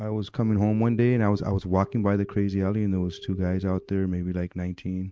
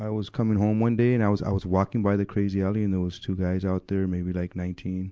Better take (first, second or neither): second